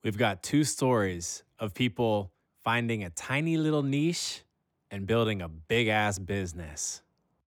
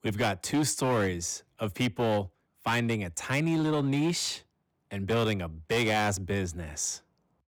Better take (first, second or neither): first